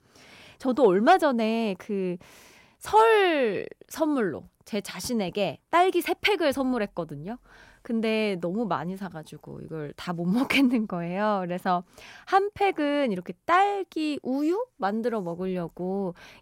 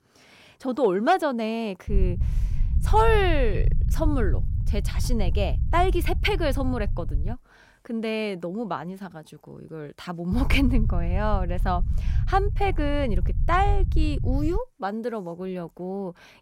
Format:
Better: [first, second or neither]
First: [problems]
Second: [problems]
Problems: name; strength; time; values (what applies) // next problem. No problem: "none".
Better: first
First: none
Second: low rumble; noticeable; from 2 to 7.5 s and from 10 to 15 s; 20 dB below the speech